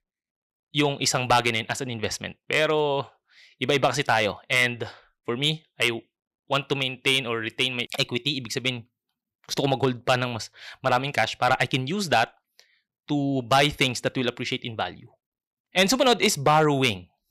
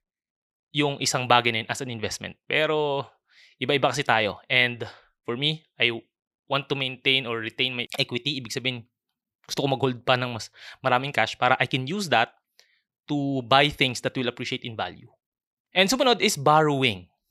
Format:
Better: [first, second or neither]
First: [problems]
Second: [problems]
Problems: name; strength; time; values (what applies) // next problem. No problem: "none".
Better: second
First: distortion; slight; 1.1% of the sound clipped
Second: none